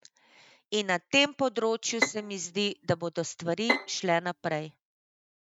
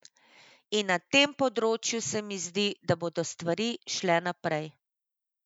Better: second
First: noise reduction (neural mask model RNNoise)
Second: none

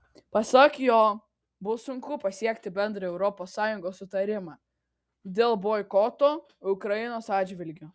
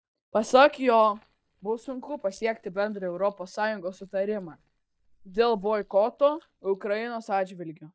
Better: first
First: none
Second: noise reduction (neural mask model DeepFilterNet 3)

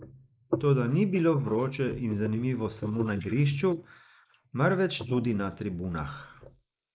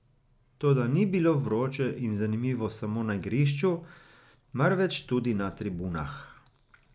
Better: second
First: noise reduction (neural mask model Resemble Enhance denoiser)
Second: none

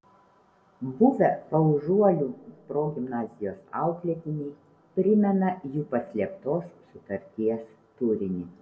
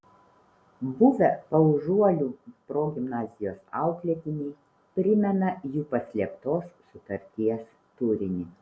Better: second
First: room echo; dies away in 2 s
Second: none

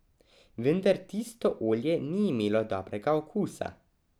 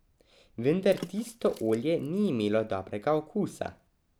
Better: first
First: none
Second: background sound (Water / Splash, splatter); 20 dB below the speech

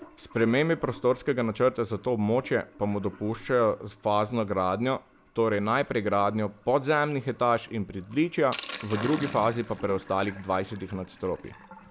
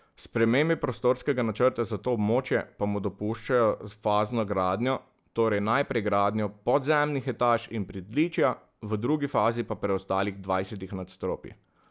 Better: second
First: background sound (Sink (filling or washing)); 18 dB below the speech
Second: none

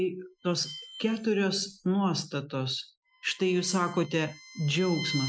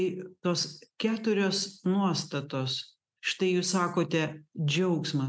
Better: second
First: noise reduction (classical method Wiener filter)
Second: none

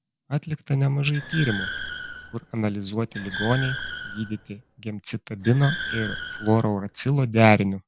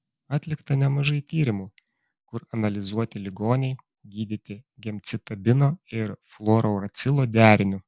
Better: second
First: background sound (Car); 10 dB below the speech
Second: none

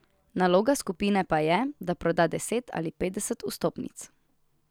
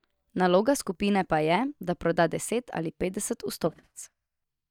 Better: first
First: none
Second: noise reduction (neural mask model DeepFilterNet 3)

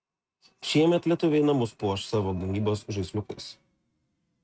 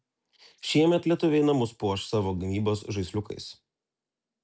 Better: second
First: noise reduction (neural mask model RNNoise)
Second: none

